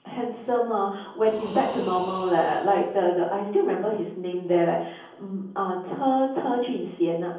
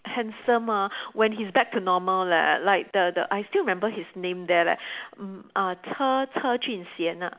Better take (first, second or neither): second